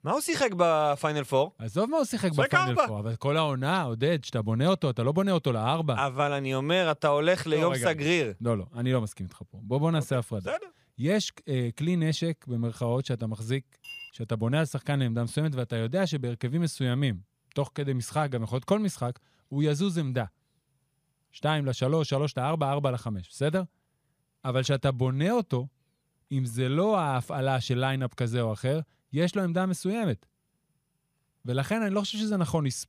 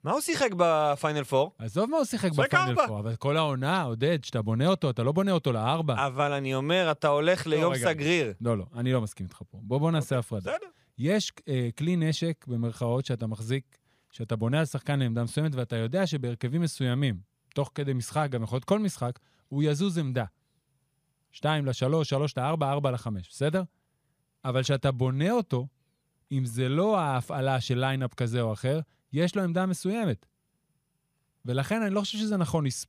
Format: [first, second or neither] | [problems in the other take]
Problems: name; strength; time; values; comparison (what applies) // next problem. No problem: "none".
second | clattering dishes; faint; at 14 s; peak 15 dB below the speech